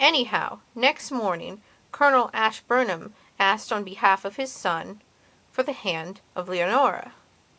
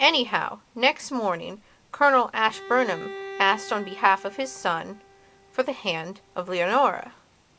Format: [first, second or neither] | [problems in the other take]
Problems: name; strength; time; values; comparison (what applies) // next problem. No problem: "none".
first | background sound (Bowed string instrument); 19 dB below the speech